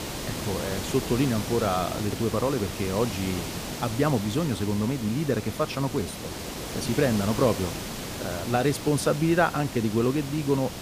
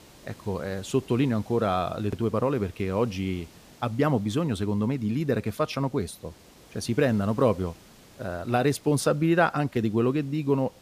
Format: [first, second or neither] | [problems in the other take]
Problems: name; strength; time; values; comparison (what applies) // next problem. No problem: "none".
second | hiss; loud; throughout; 7 dB below the speech; faint in the second